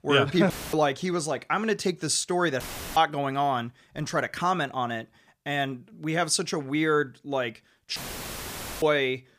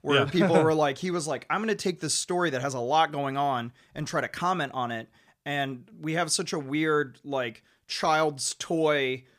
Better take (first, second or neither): second